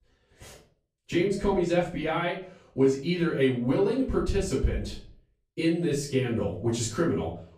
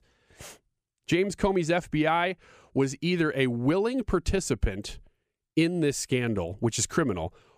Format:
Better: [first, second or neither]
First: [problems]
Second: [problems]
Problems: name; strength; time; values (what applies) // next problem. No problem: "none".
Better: second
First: off-mic speech; far // room echo; slight; dies away in 0.4 s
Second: none